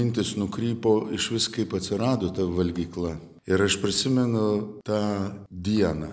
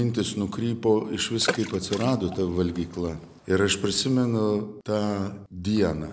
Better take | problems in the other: first | background sound (Water / Splash, splatter); 11 dB below the speech

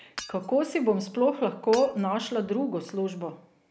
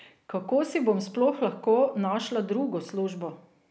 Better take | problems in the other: second | background sound (Shatter / Hammer); 18 dB below the speech

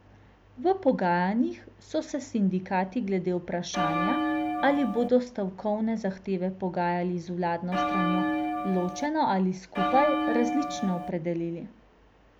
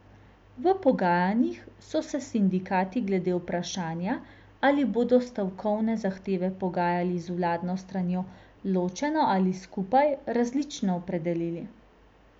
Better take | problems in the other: second | background sound (Bell); as loud as the speech

